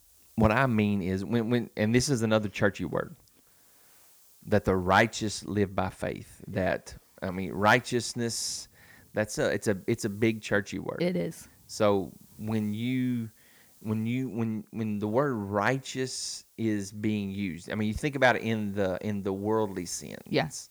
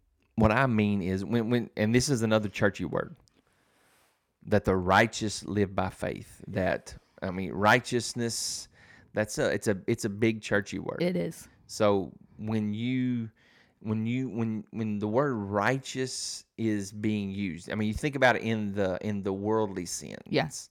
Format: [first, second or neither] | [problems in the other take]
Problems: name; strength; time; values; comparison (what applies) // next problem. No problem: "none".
second | hiss; faint; throughout; 30 dB below the speech